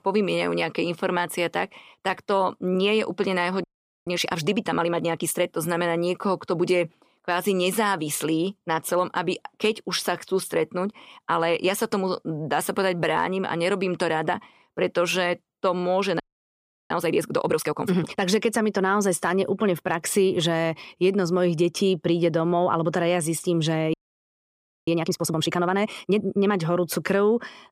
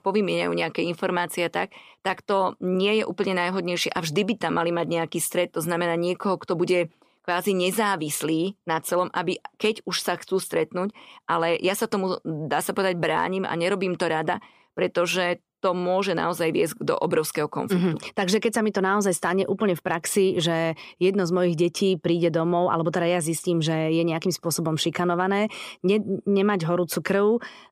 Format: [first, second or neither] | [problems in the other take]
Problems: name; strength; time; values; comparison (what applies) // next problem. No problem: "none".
second | audio freezing; at 3.5 s, at 16 s for 0.5 s and at 24 s for 1 s